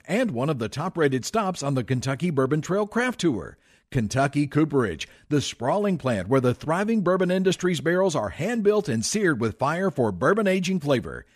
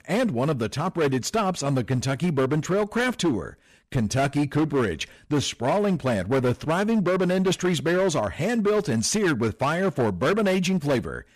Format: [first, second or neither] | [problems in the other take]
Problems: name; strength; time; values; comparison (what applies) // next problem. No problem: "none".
first | distortion; slight; 13% of the sound clipped